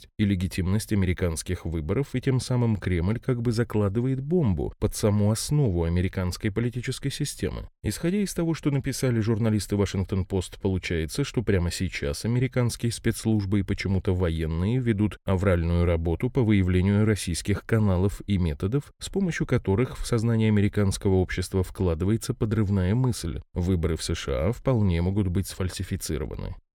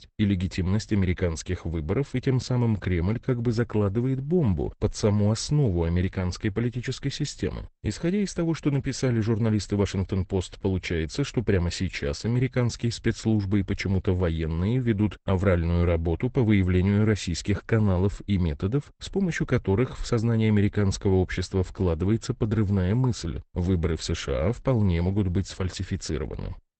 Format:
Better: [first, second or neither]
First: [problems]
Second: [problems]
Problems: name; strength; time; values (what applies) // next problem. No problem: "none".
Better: first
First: none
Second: garbled, watery; badly; nothing above 8 kHz